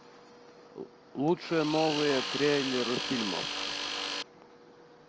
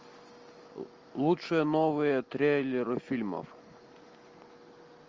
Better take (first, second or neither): second